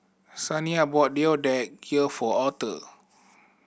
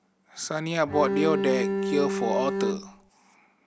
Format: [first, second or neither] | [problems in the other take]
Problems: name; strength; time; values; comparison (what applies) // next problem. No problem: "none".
first | background sound (Bowed string instrument); 1 dB above the speech